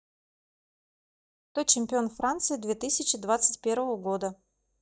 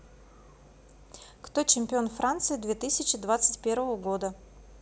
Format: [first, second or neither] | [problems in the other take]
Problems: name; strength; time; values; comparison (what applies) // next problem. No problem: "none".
second | noise reduction (neural mask model DeepFilterNet 3)